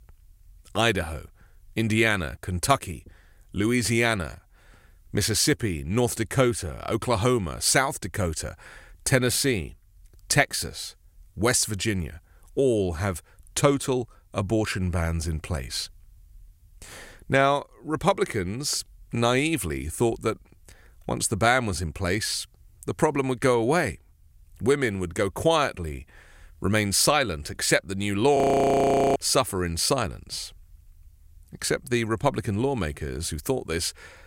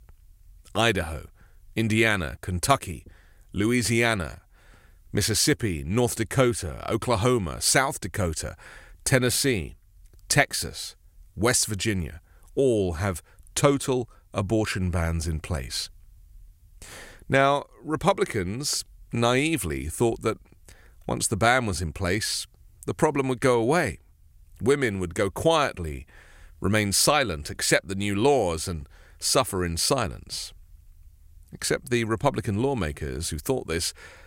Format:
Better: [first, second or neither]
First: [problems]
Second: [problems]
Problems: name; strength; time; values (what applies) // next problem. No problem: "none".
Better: second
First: audio freezing; at 28 s for 1 s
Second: none